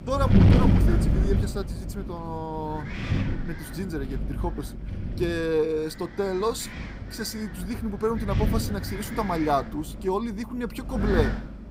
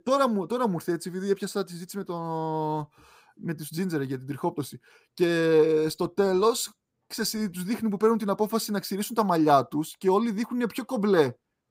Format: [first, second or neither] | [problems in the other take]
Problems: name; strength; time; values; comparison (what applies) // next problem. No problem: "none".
second | wind noise on the microphone; heavy; 5 dB below the speech